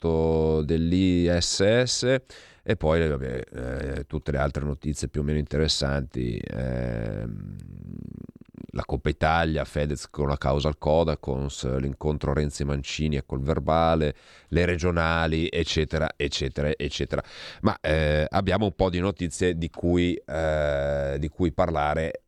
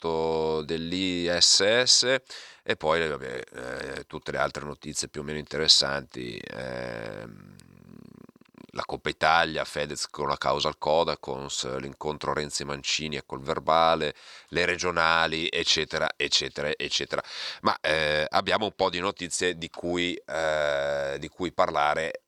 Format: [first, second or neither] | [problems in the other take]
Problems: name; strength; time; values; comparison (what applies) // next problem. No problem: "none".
first | thin; somewhat; fading below 950 Hz